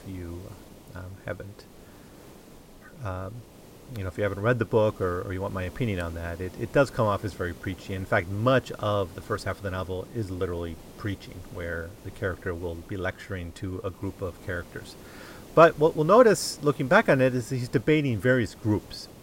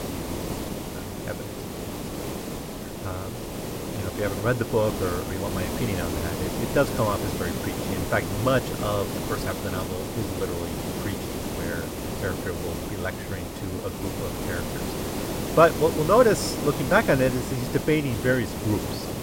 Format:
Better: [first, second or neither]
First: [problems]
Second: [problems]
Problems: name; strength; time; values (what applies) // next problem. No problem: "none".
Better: first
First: hiss; faint; throughout; 20 dB below the speech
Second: hiss; loud; throughout; 4 dB below the speech